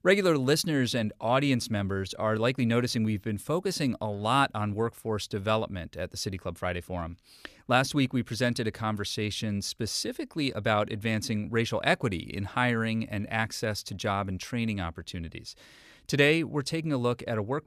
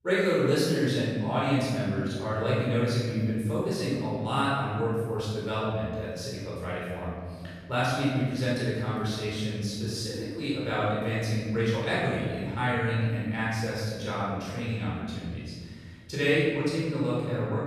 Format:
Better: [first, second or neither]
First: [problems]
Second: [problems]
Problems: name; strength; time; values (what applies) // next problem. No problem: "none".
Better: first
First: none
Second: room echo; strong; dies away in 2 s // off-mic speech; far